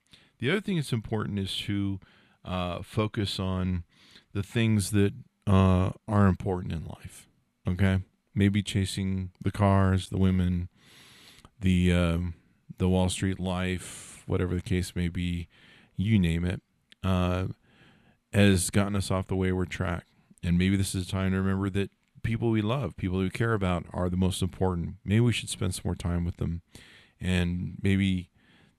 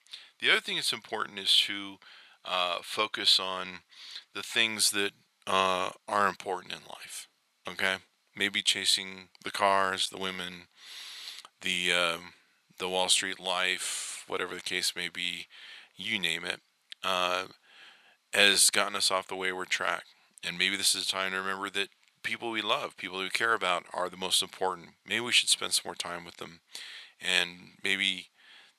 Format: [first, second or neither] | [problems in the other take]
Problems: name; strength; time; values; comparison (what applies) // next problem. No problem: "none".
first | thin; very; fading below 800 Hz